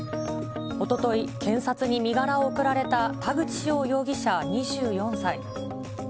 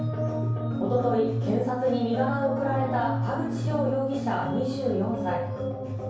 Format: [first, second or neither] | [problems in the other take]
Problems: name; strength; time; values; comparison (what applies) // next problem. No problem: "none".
first | room echo; dies away in 0.6 s